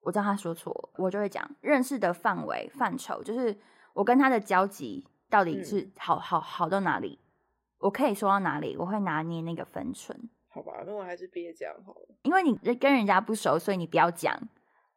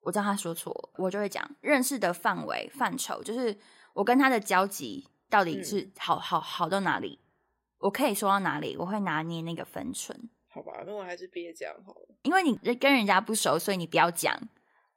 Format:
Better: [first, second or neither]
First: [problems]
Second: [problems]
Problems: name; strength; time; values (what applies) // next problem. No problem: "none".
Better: second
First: muffled; slightly; fading above 2.5 kHz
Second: none